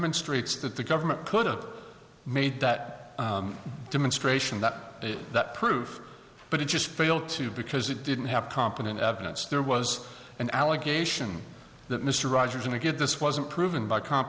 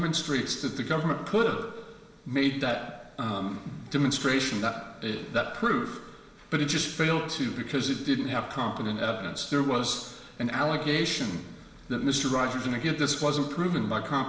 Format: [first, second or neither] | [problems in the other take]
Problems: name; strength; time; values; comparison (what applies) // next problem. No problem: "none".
first | room echo; dies away in 0.7 s